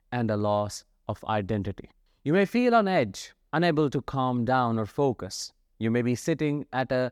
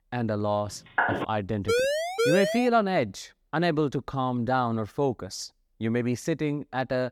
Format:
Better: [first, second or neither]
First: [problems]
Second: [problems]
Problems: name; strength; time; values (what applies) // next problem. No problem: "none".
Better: first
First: none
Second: phone ringing; loud; at 1 s; peak 1 dB above the speech // siren; loud; from 1.5 to 2.5 s; peak 3 dB above the speech